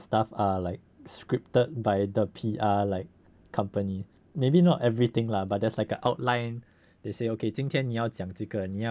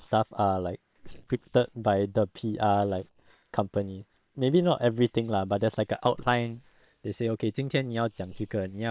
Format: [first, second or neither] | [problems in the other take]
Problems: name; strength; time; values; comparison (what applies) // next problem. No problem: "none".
first | noise reduction (neural separator model SepFormer WHAM!)